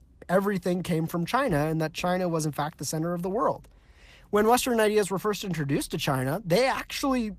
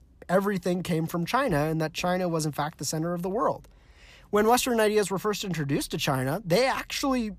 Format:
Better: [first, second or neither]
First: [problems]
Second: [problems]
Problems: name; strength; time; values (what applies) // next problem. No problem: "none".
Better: second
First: garbled, watery; slightly; nothing above 14.5 kHz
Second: none